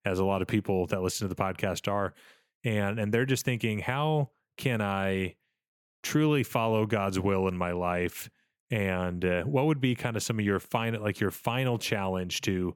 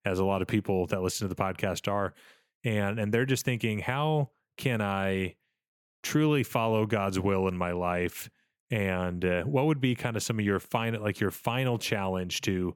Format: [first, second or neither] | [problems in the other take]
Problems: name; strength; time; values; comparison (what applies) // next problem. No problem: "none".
neither | none